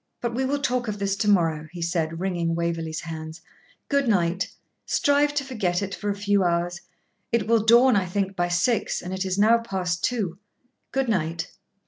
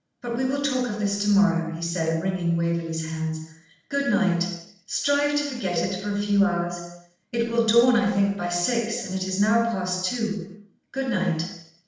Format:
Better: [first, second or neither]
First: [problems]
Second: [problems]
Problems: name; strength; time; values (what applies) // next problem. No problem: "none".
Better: first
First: none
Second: background sound (Cowbell); 16 dB below the speech // room echo; dies away in 0.7 s